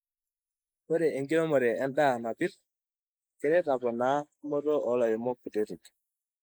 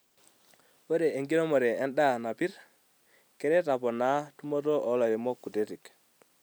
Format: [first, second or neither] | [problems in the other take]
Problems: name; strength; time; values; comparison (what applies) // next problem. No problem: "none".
second | noise reduction (neural mask model Resemble Enhance denoiser)